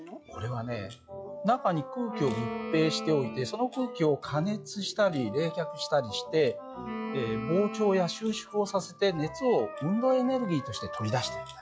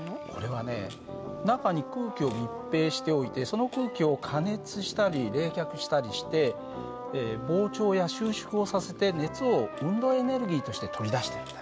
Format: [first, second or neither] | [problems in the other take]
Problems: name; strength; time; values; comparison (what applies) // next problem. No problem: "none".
second | noise reduction (classical method log-MMSE)